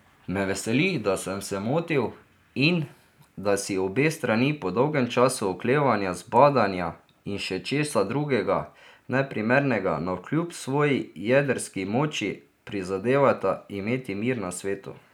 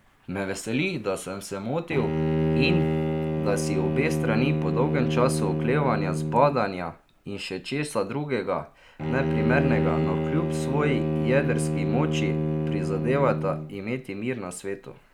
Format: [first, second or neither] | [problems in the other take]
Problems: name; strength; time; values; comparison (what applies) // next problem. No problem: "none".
first | background sound (Bowed string instrument); 1 dB above the speech